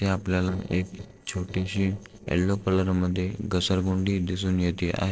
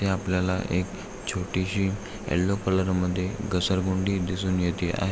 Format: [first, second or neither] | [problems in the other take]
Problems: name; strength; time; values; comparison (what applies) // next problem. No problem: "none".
second | noise reduction (neural separator model SepFormer DNS4)